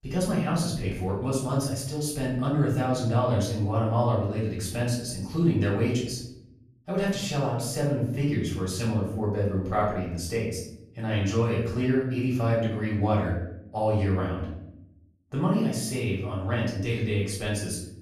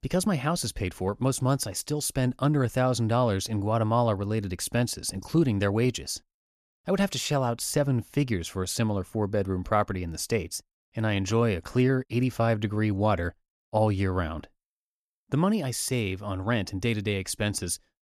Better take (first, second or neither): second